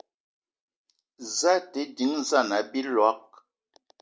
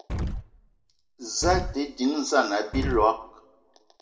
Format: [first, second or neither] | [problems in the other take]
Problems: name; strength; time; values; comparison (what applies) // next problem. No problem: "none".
first | background sound (Explosion); 7 dB below the speech // room echo; dies away in 0.5 s